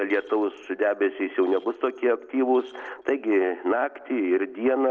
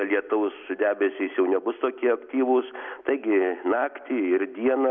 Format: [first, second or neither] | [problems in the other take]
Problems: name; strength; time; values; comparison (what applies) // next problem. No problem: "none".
second | noise reduction (neural separator model SepFormer DNS4)